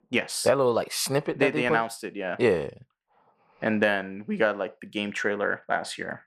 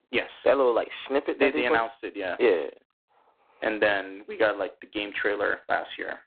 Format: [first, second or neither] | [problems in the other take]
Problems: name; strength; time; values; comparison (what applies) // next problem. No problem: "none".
first | phone-call audio; poor line; nothing above 4 kHz